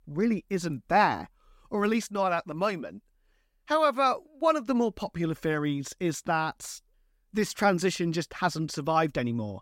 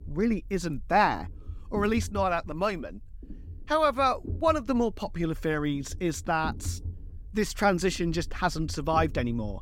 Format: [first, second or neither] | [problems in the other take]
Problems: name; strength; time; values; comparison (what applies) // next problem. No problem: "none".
first | low rumble; faint; throughout; 25 dB below the speech